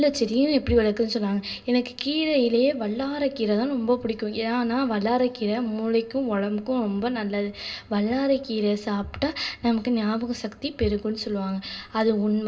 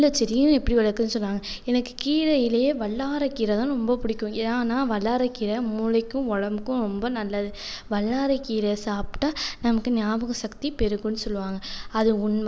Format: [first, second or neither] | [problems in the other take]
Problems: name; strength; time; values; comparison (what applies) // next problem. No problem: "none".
second | room echo; dies away in 0.2 s